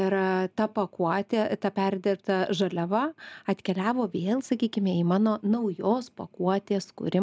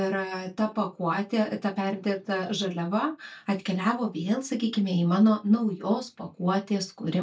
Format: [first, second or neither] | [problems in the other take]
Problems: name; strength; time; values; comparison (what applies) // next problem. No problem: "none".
first | noise reduction (neural mask model DeepFilterNet 3)